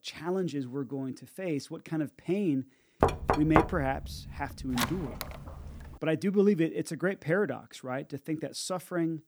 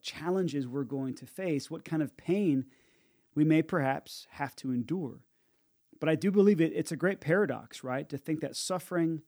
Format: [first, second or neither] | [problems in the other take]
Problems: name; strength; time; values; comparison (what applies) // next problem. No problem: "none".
second | door banging; loud; from 3 to 5 s; peak 5 dB above the speech